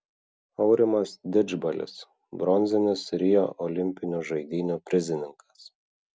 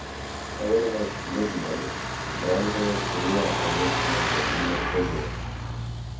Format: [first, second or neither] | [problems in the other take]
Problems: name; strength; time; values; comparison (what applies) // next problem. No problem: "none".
first | background sound (Truck); 1 dB above the speech // room echo; dies away in 0.6 s